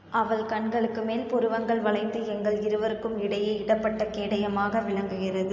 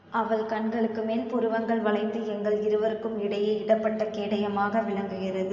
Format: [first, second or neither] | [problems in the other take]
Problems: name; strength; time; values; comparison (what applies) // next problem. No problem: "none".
first | room echo; dies away in 1.6 s